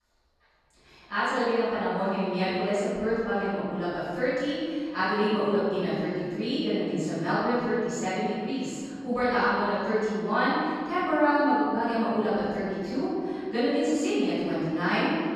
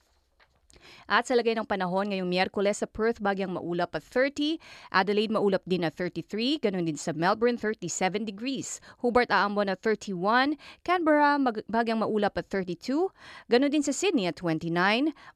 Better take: second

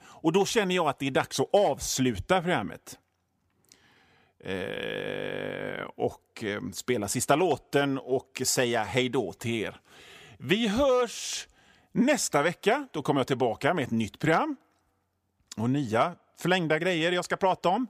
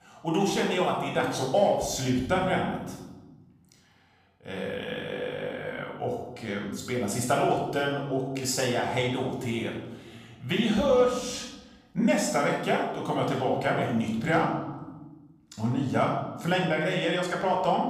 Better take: first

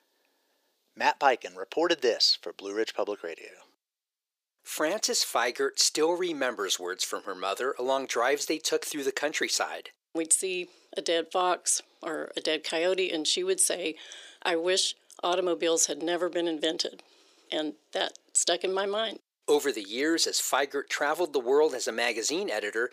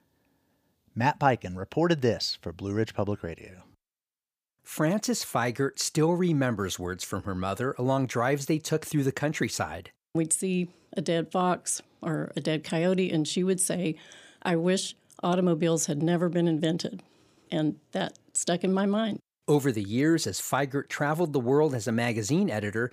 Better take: second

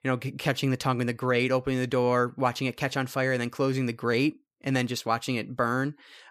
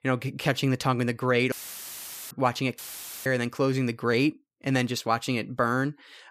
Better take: first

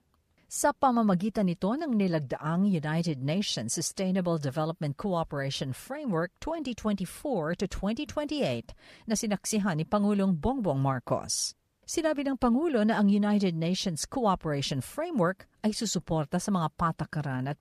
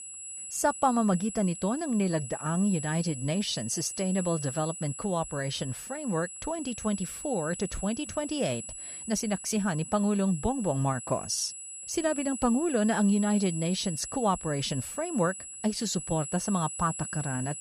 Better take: first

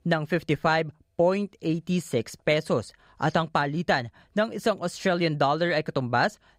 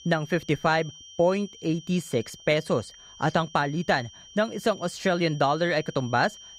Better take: first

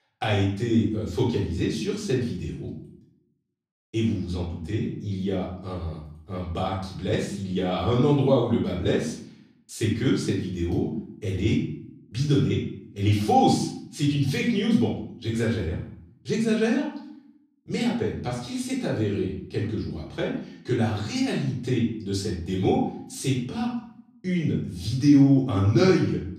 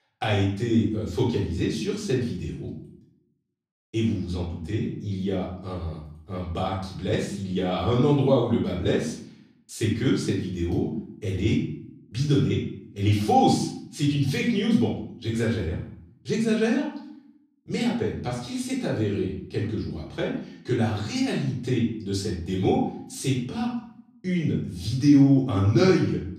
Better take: neither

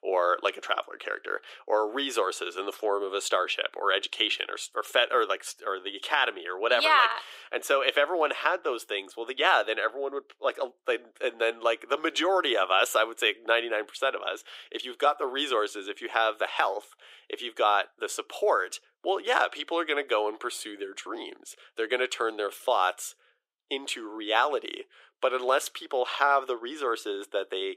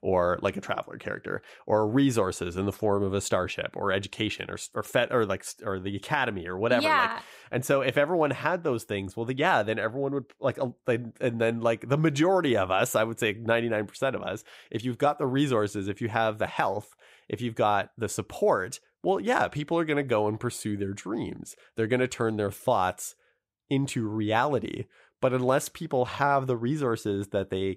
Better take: second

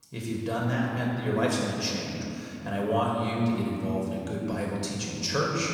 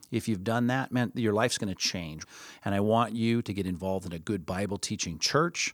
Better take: second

